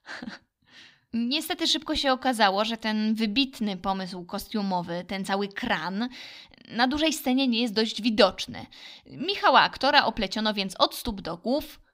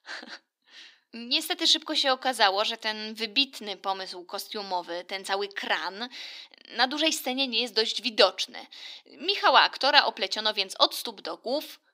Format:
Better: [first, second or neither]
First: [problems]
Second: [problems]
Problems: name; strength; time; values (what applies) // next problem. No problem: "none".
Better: first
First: none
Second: thin; somewhat; fading below 350 Hz